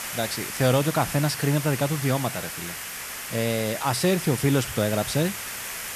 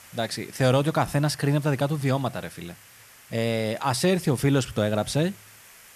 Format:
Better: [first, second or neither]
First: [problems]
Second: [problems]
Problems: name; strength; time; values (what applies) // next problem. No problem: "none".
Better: second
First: hiss; loud; throughout; 7 dB below the speech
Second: hiss; faint; throughout; 25 dB below the speech